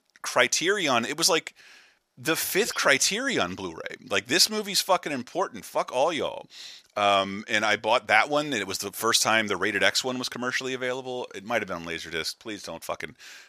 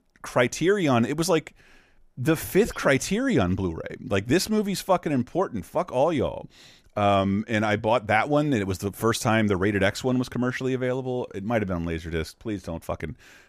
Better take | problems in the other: second | thin; somewhat; fading below 1 kHz

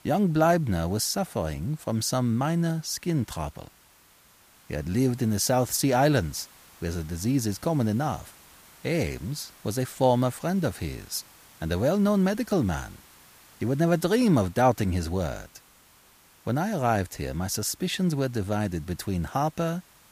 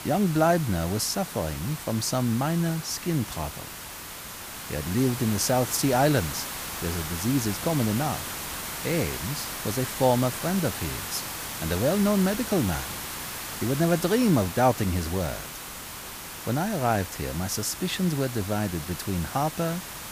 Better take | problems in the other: first | hiss; loud; throughout; 7 dB below the speech; faint in the first

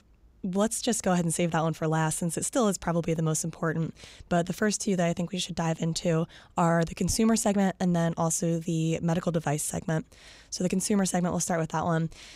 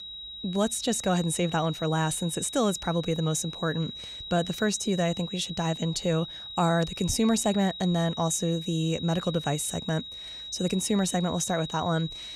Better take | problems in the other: first | high-pitched whine; loud; throughout; 4 kHz, 10 dB below the speech

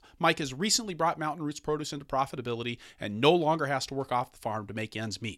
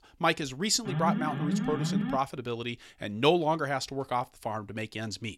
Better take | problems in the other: first | alarm; loud; from 1 to 2 s; peak level with the speech

